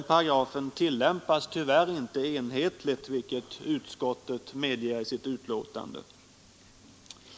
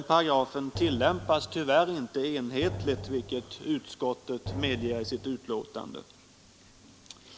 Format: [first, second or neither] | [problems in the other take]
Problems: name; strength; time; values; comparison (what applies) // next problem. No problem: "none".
first | background sound (Drum); 10 dB below the speech